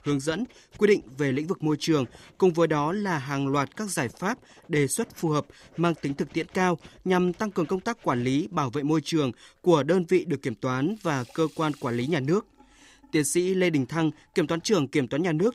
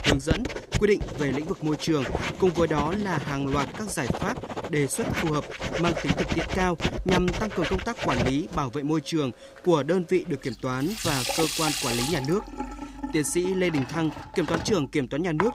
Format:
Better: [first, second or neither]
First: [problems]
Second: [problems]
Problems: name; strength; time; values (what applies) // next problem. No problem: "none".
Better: first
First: household noises; faint; throughout; 25 dB below the speech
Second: household noises; loud; throughout; 3 dB below the speech